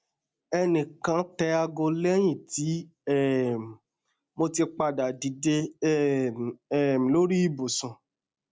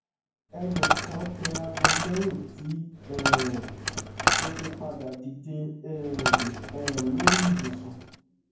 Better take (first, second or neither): first